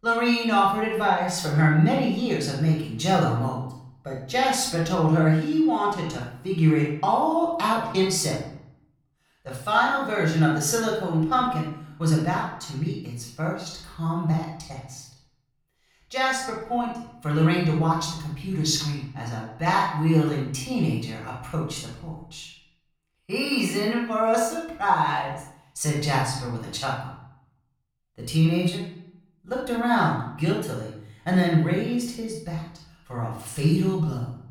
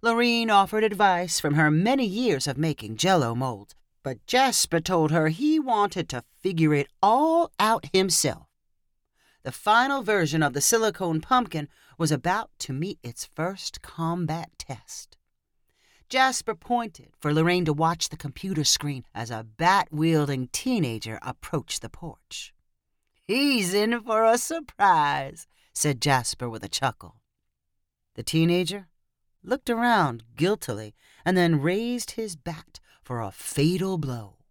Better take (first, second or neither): second